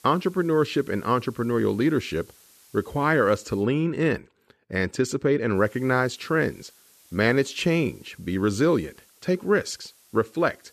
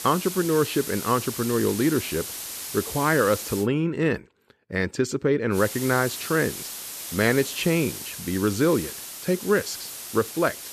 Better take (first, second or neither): first